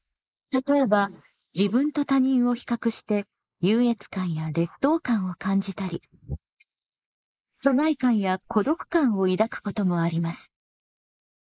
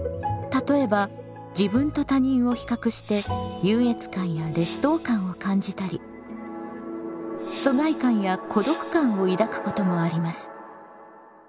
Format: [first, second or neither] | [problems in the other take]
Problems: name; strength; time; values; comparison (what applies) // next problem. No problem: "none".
second | noise reduction (neural mask model Resemble Enhance denoiser)